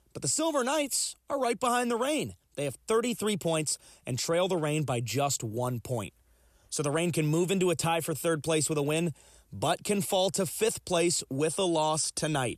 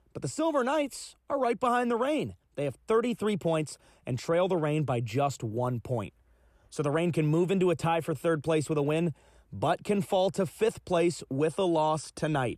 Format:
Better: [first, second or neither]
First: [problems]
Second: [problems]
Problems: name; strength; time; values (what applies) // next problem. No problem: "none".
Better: first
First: none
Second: muffled; slightly; fading above 3 kHz